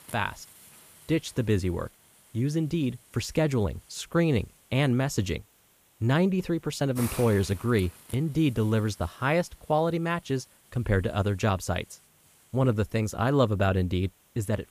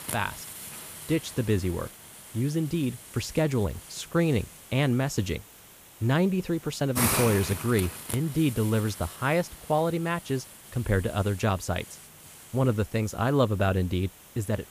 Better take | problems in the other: first | hiss; loud; throughout; 9 dB below the speech; faint in the first

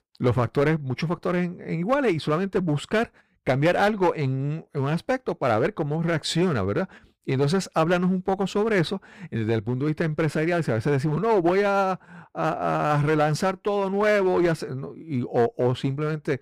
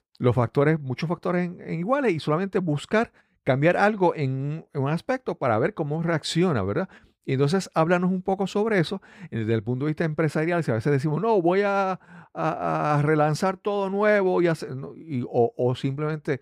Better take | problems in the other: second | distortion; slight; 6% of the sound clipped

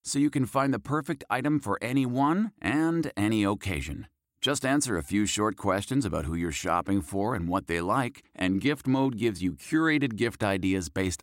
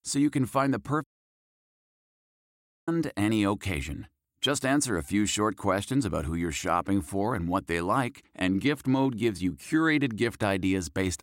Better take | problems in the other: first | audio cutting out; at 1 s for 2 s

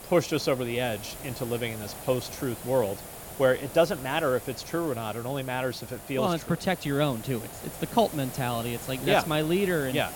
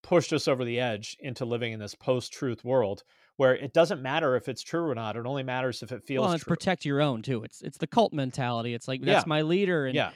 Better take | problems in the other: second | hiss; noticeable; throughout; 10 dB below the speech

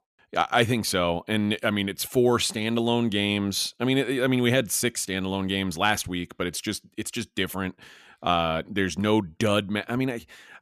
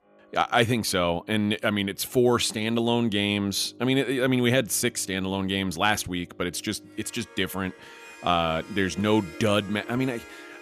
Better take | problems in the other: first | background music; faint; throughout; 20 dB below the speech

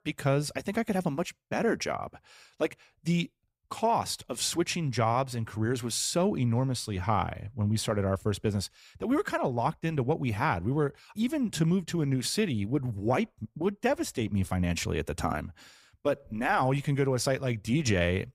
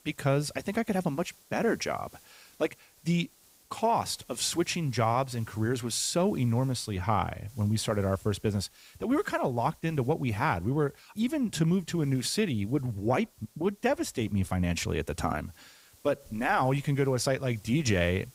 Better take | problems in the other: first | hiss; faint; throughout; 25 dB below the speech

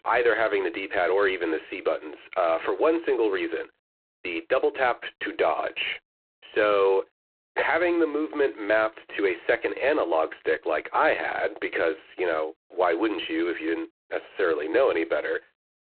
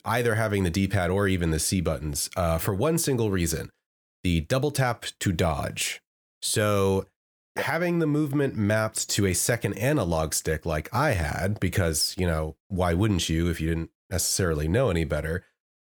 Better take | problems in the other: second | phone-call audio; poor line; nothing above 4 kHz

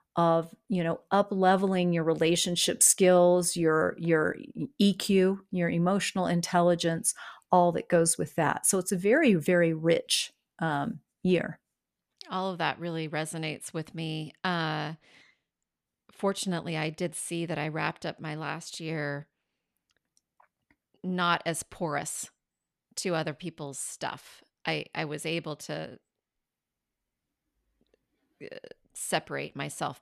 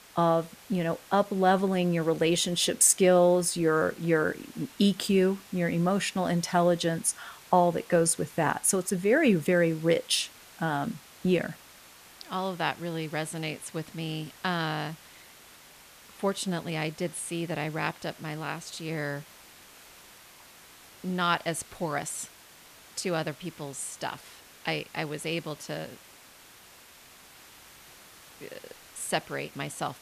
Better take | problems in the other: first | hiss; faint; throughout; 20 dB below the speech

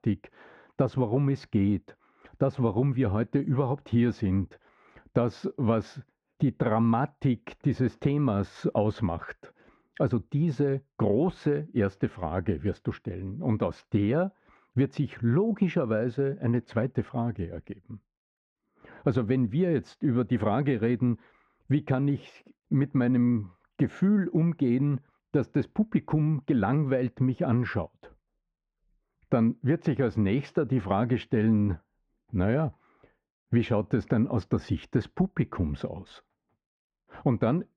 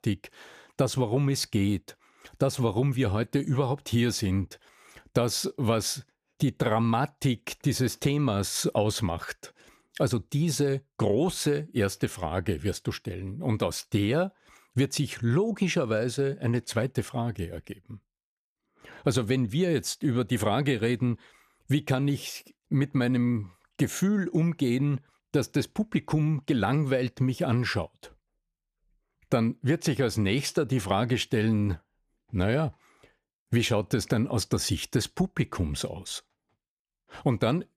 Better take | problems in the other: second | muffled; very; fading above 1.5 kHz

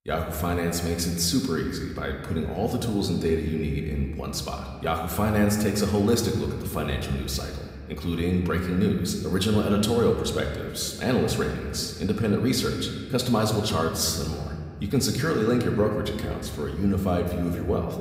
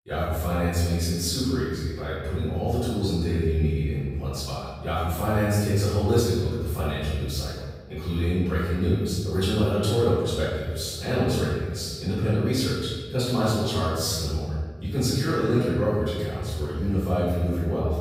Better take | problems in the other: first | room echo; strong; dies away in 1.4 s; slight in the first // off-mic speech; far

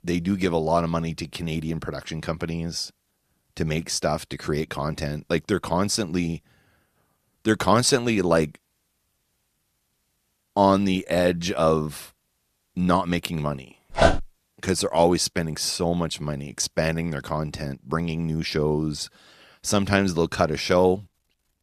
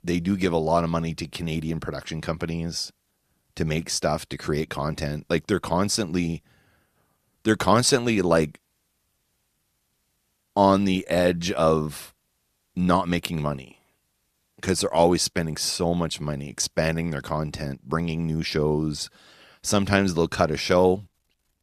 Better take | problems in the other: second | dog barking; loud; at 14 s; peak 4 dB above the speech

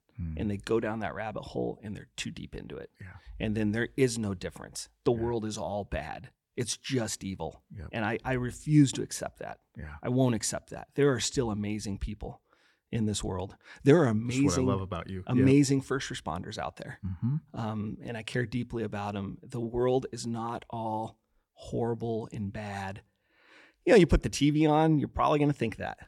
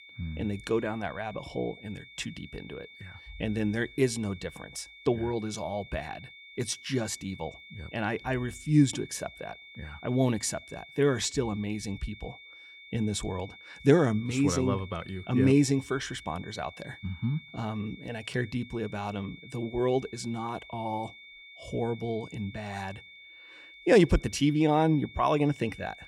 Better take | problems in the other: first | high-pitched whine; noticeable; throughout; 2 kHz, 20 dB below the speech

